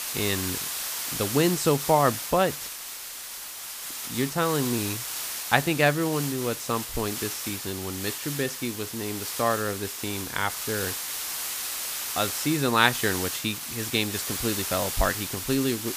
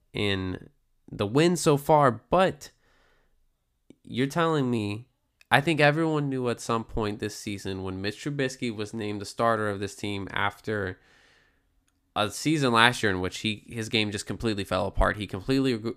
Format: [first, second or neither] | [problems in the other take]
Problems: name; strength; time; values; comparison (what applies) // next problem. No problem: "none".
second | hiss; loud; throughout; 4 dB below the speech